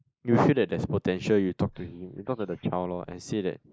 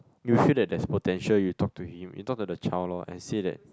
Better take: second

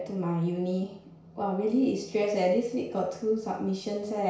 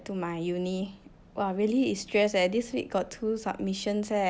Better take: second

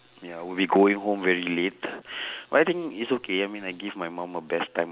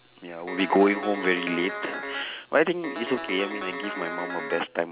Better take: first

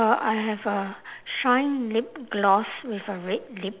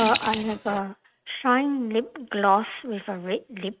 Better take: first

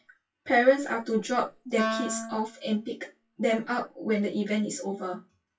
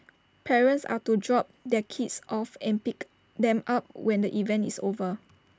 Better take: second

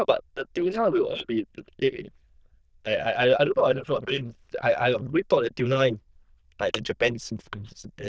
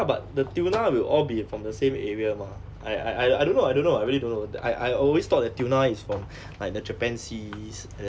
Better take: second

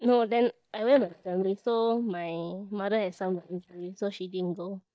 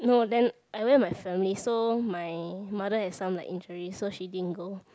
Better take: second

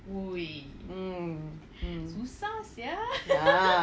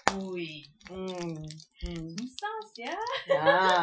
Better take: first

